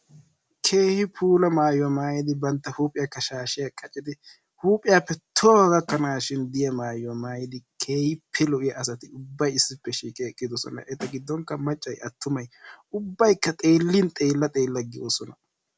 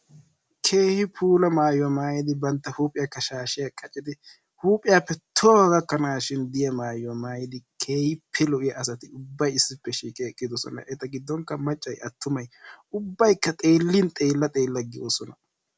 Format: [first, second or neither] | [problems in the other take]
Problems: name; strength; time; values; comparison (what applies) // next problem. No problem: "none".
second | background sound (Snare drum); 19 dB below the speech